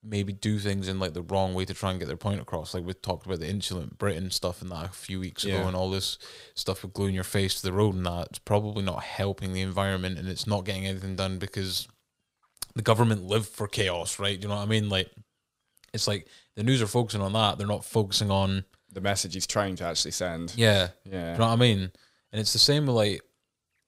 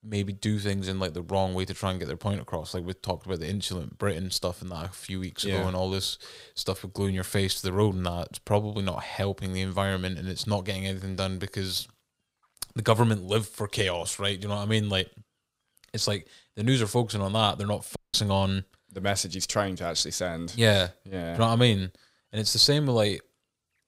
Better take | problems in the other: first | audio cutting out; at 18 s

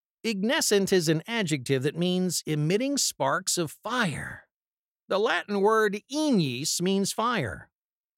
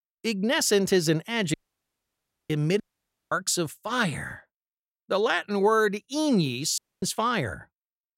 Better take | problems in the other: first | audio cutting out; at 1.5 s for 1 s, at 3 s for 0.5 s and at 7 s

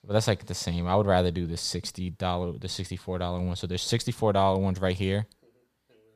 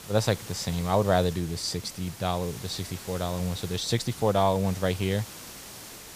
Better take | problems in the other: first | hiss; noticeable; throughout; 15 dB below the speech

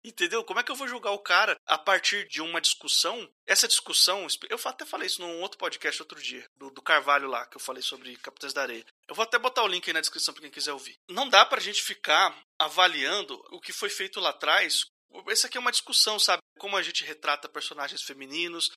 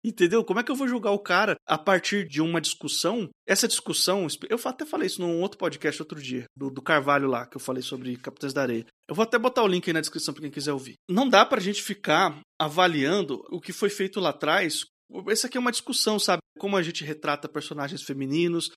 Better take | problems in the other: second | thin; very; fading below 700 Hz

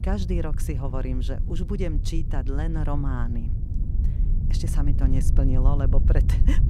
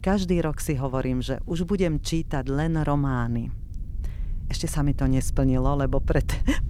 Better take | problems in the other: second | low rumble; loud; throughout; 7 dB below the speech; faint in the second

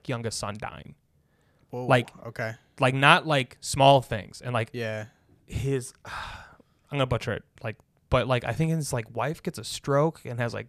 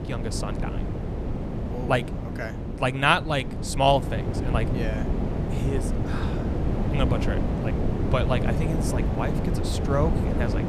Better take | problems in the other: first | wind noise on the microphone; heavy; 7 dB below the speech

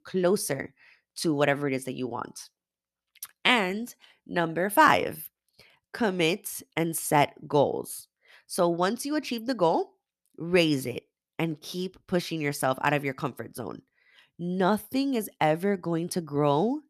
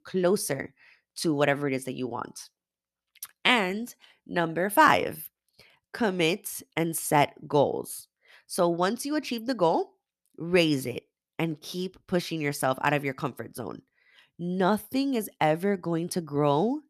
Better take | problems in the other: neither | none

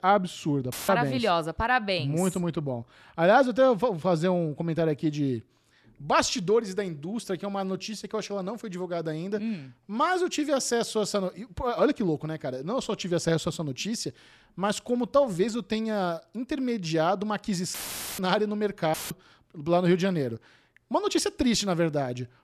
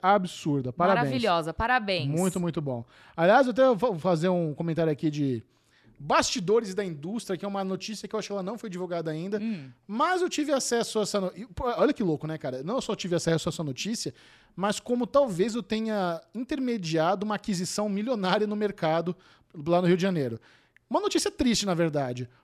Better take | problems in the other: second | audio cutting out; filled with static; at 0.5 s, at 18 s and at 19 s

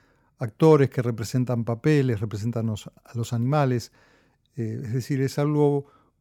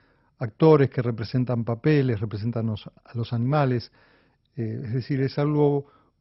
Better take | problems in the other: first | garbled, watery; badly; nothing above 5.5 kHz

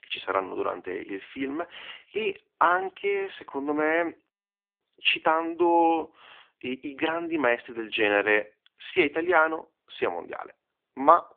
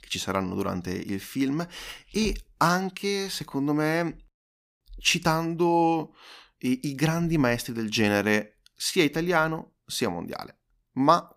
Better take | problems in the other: second | phone-call audio; poor line

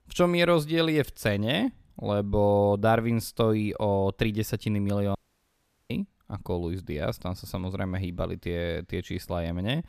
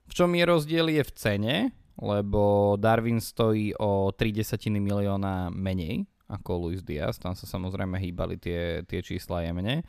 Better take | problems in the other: second | audio cutting out; at 5 s for 1 s

